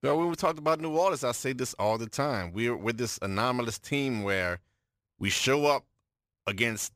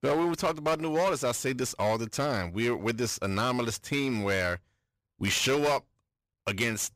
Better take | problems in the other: first | distortion; slight; 9% of the sound clipped

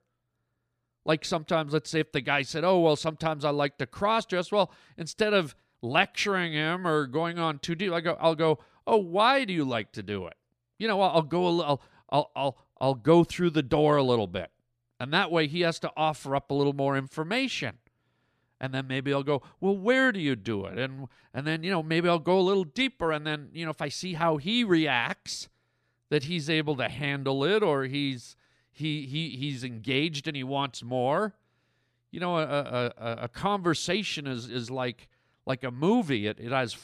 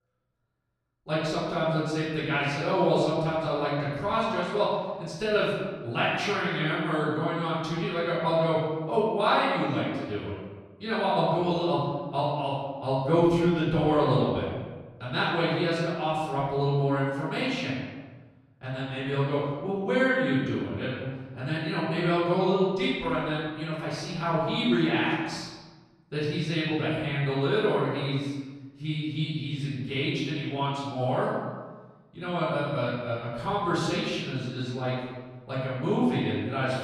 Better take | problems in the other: first | room echo; strong; dies away in 1.3 s // off-mic speech; far

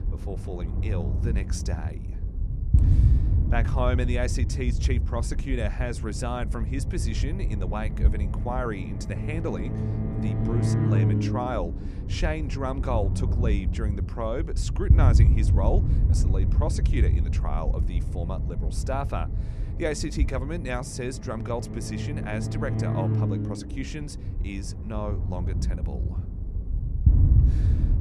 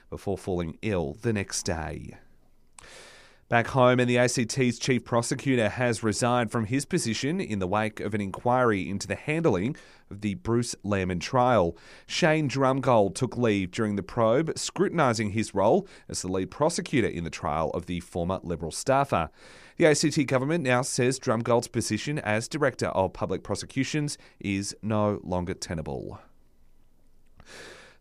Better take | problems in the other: second | low rumble; loud; throughout; 6 dB below the speech

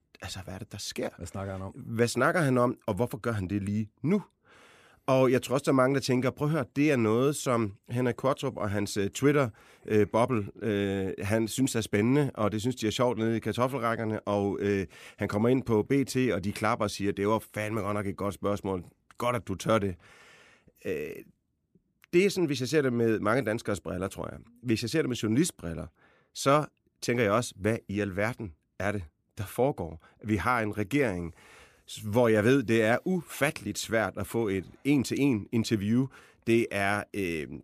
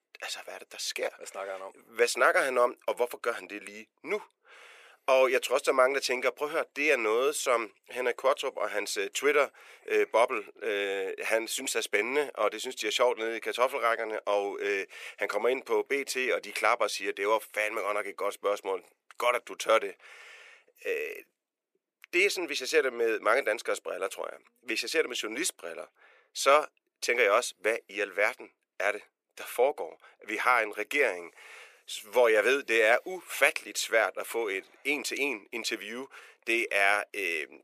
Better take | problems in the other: first | thin; very; fading below 450 Hz

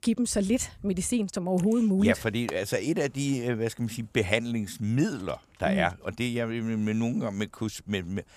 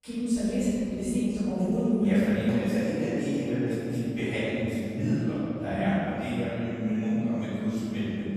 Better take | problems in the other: first | off-mic speech; far // room echo; strong; dies away in 3 s

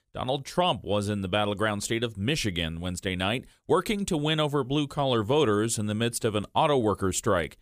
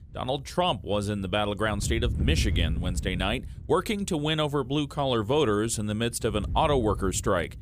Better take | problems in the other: first | wind noise on the microphone; occasional gusts; 20 dB below the speech

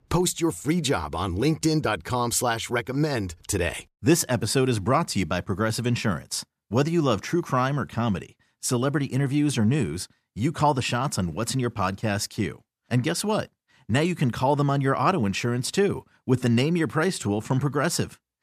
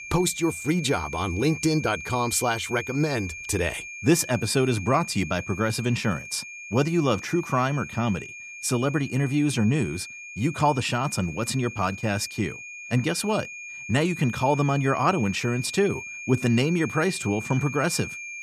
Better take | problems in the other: first | high-pitched whine; noticeable; throughout; 2.5 kHz, 10 dB below the speech

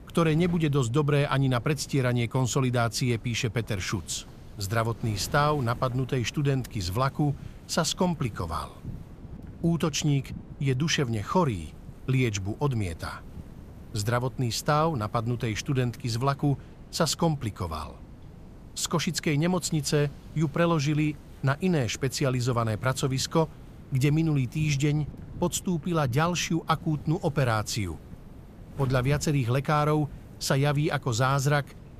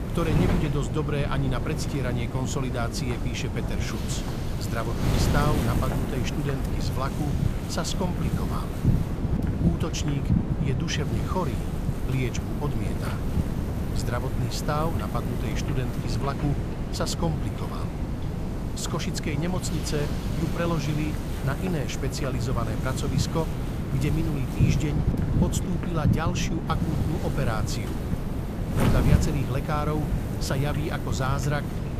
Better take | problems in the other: first | wind noise on the microphone; heavy; 3 dB below the speech; occasional gusts in the first

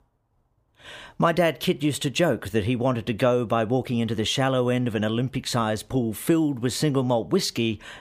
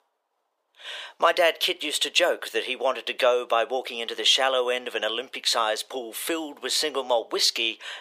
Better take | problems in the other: first | thin; very; fading below 450 Hz

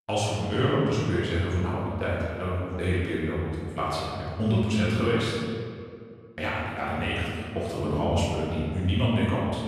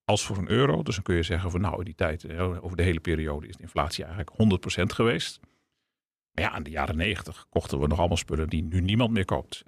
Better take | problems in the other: second | room echo; strong; dies away in 1.9 s // off-mic speech; far

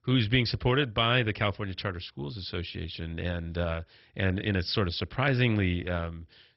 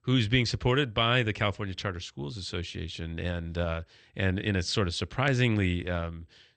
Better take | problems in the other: second | garbled, watery; badly; nothing above 5.5 kHz; slightly in the second

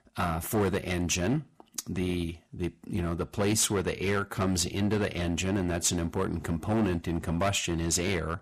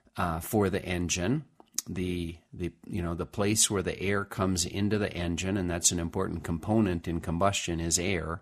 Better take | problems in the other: second | distortion; slight; 7% of the sound clipped

